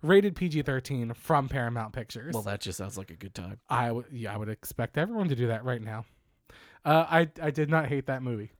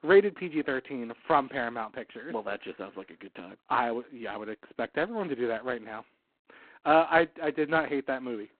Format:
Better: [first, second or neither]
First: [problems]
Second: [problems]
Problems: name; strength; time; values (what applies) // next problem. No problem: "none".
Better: first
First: none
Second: phone-call audio; poor line; nothing above 4 kHz